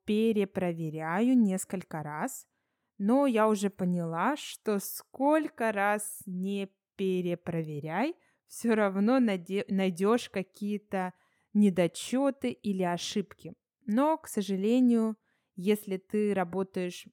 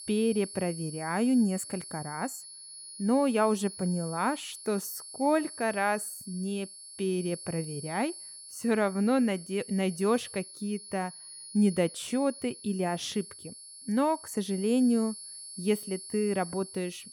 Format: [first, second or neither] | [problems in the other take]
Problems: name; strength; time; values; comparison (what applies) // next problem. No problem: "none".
first | high-pitched whine; noticeable; throughout; 10.5 kHz, 10 dB below the speech